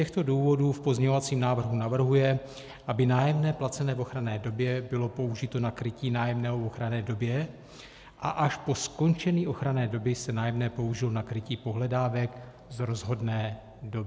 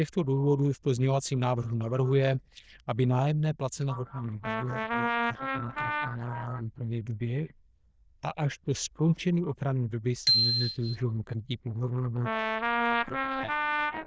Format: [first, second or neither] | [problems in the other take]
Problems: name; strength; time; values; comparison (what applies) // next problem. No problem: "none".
first | noise reduction (neural diffusion model UNIVERSE++)